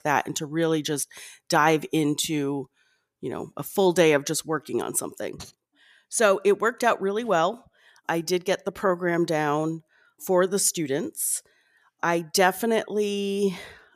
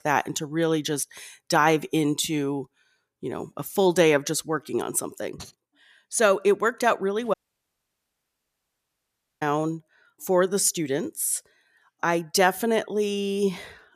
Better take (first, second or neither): first